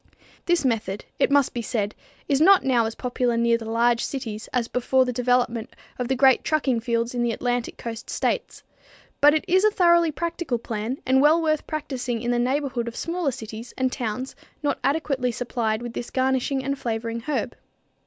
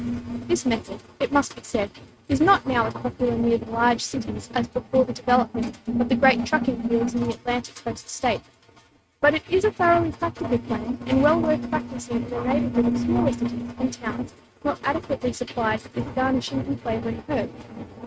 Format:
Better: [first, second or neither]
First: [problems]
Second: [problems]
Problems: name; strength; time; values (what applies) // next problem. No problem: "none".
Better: first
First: none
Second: noise reduction (neural mask model RNNoise)